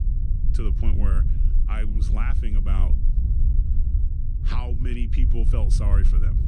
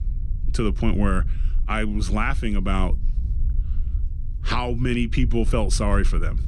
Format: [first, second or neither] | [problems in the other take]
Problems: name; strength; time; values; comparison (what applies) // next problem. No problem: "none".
second | low rumble; loud; throughout; 5 dB below the speech; faint in the second